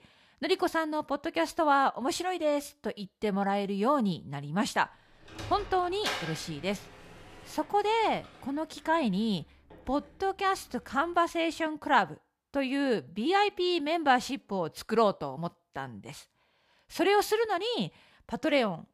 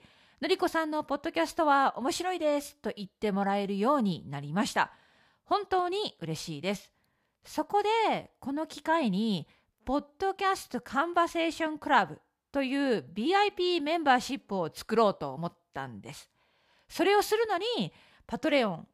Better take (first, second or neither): second